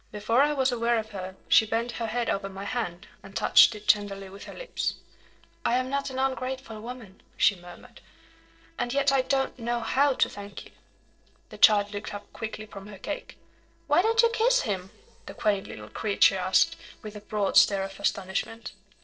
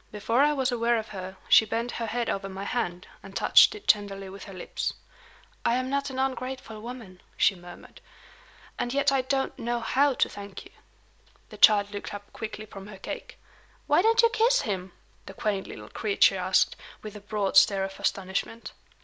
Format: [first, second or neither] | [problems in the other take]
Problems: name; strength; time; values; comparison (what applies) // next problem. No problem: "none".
second | noise reduction (neural separator model SepFormer DNS4)